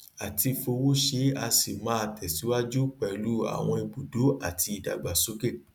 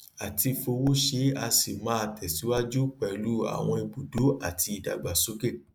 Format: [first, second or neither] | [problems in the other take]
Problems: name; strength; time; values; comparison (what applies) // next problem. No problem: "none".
first | noise reduction (neural mask model Resemble Enhance denoiser)